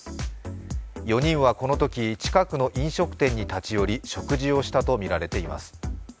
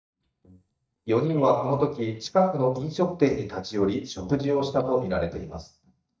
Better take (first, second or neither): first